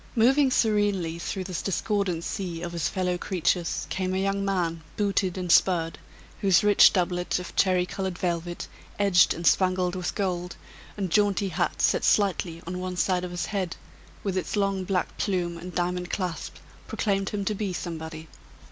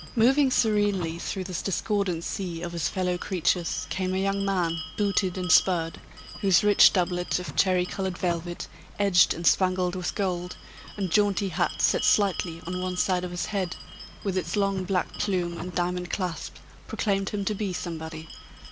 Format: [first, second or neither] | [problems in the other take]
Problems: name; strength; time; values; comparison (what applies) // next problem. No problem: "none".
first | background sound (Bell); 16 dB below the speech